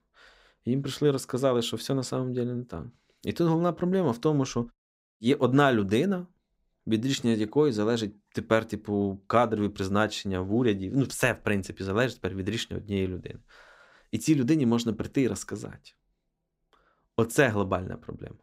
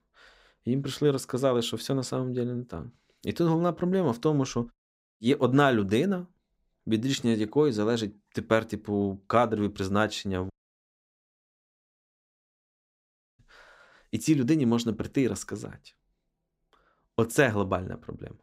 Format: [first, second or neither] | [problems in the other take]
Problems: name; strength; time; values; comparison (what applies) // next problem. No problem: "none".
first | audio cutting out; at 11 s for 3 s